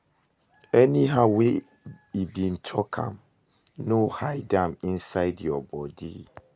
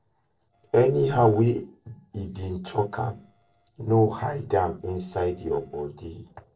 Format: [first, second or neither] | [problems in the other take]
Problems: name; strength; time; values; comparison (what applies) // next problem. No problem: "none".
first | noise reduction (neural separator model SepFormer DNS4)